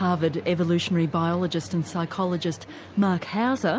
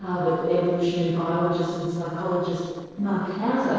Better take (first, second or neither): first